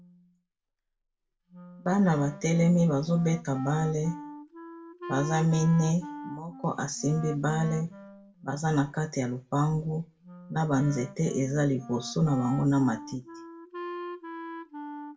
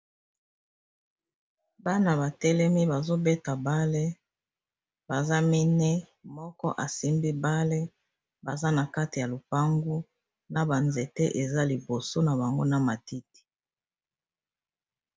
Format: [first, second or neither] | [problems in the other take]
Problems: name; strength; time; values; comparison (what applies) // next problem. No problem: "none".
second | background sound (Wind instrument, woodwind instrument); 14 dB below the speech // room echo; dies away in 0.2 s